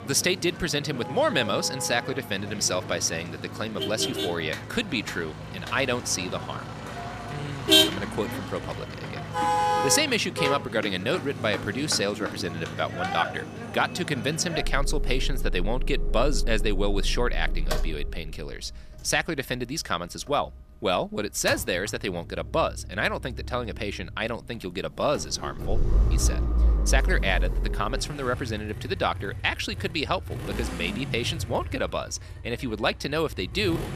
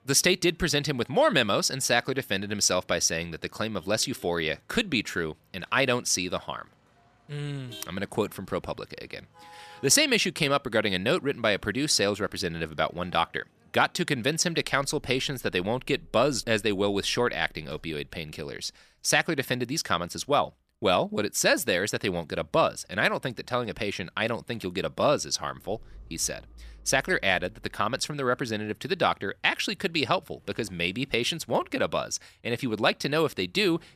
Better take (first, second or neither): second